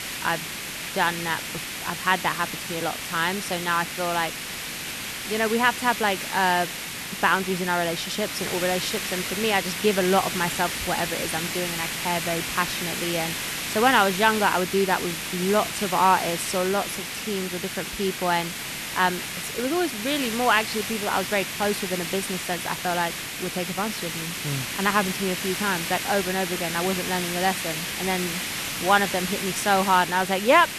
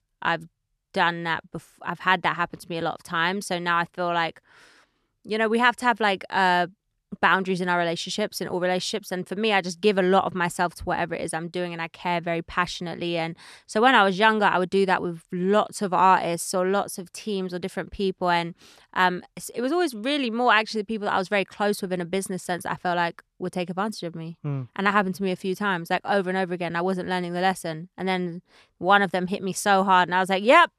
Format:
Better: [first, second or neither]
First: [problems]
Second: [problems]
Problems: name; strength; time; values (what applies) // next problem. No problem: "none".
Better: second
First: hiss; loud; throughout; 4 dB below the speech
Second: none